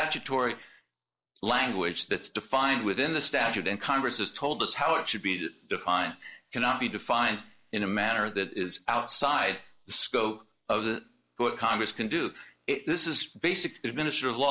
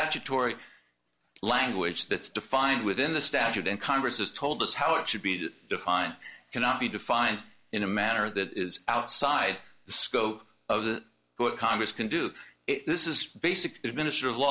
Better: second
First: noise reduction (neural mask model Resemble Enhance denoiser)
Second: none

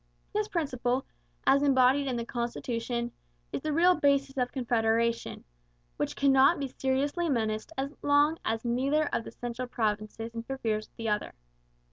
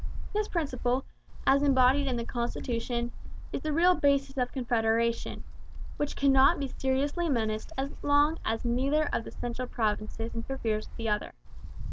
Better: first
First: none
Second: background sound (Wind); 3 dB below the speech

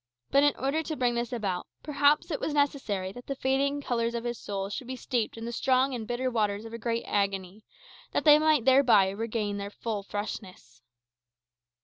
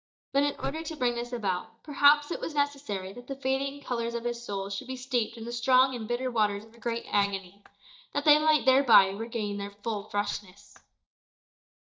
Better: first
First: none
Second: noise reduction (neural mask model DeepFilterNet 3)

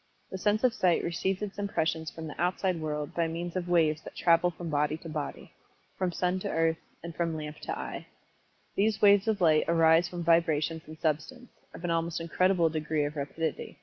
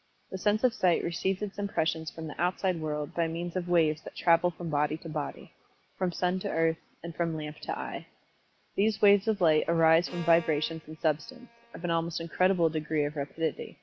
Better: first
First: none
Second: background sound (Bowed string instrument); 19 dB below the speech

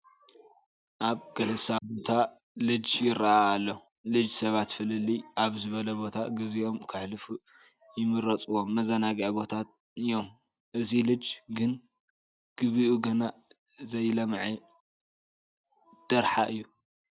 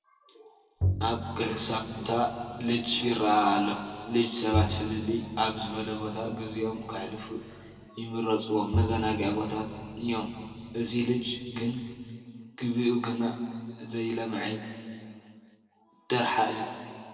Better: first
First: none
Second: background sound (Bowed string instrument); 5 dB below the speech // room echo; dies away in 2.2 s

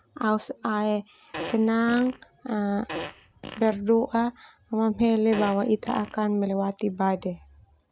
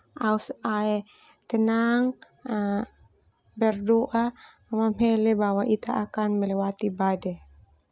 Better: second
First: background sound (Fart); 12 dB below the speech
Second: none

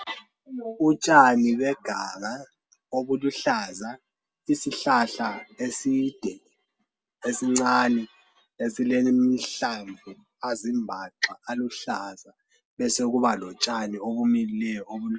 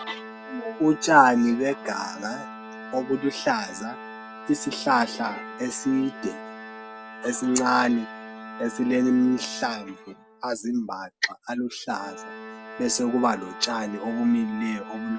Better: first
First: none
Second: background sound (Organ); 14 dB below the speech

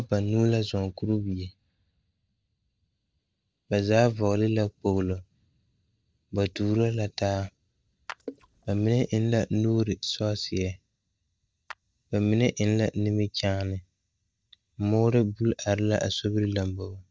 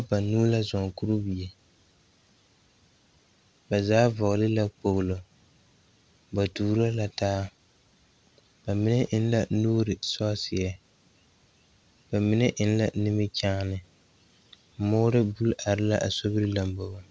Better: second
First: noise reduction (neural mask model DeepFilterNet 3)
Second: none

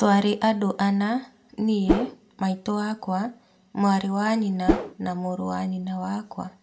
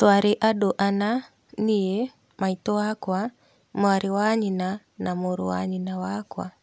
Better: second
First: background sound (Whoosh, swoosh, swish); 1 dB above the speech // room echo; dies away in 0.3 s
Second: none

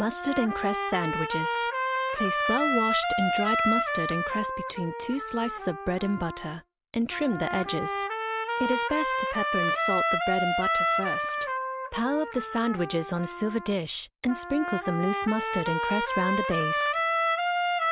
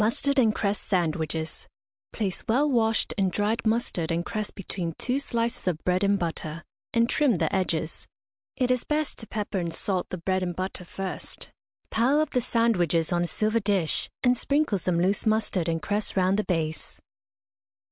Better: second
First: background sound (Trumpet); 1 dB above the speech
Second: none

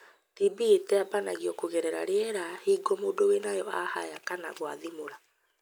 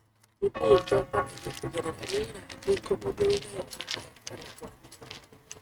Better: first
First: none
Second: noise reduction (neural mask model RNNoise)

